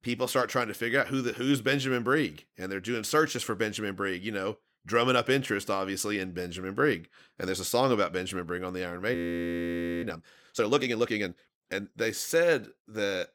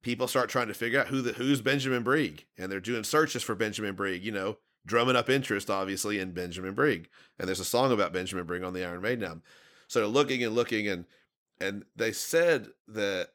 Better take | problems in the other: second | audio freezing; at 9 s for 1 s

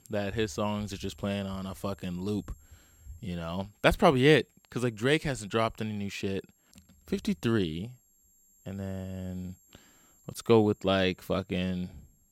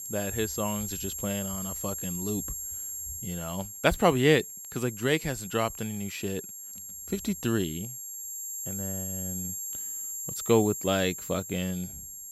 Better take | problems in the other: first | high-pitched whine; loud; throughout; 7.5 kHz, 5 dB below the speech; faint in the first

